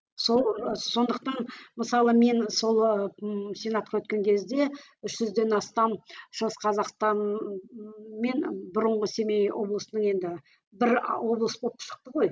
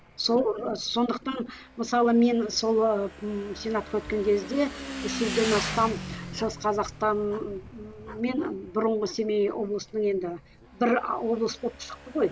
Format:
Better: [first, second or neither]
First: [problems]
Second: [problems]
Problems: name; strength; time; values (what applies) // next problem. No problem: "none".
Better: first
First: none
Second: background sound (Motorcycle / Engine); 12 dB below the speech